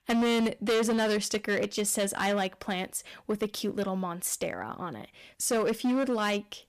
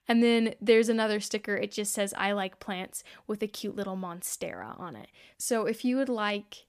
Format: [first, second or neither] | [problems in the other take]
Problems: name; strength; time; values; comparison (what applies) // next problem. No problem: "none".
second | distortion; heavy; 13% of the sound clipped